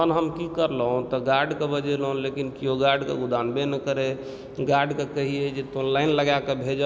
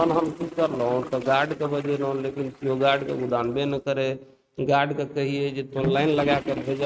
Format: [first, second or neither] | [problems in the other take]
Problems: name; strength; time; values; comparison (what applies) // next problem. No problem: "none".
first | noise reduction (neural mask model RNNoise)